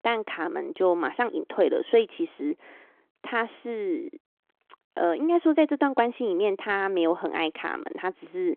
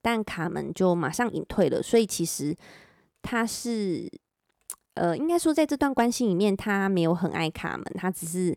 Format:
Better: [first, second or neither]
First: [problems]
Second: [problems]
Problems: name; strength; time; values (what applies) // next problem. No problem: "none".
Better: second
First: phone-call audio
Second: none